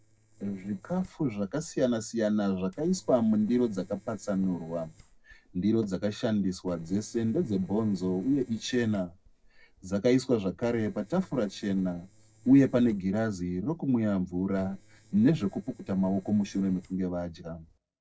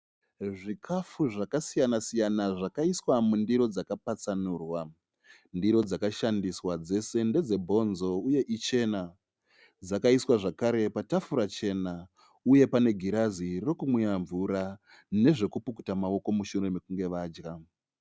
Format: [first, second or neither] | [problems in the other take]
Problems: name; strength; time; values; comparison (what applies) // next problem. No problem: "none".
second | noise reduction (neural separator model SepFormer DNS4)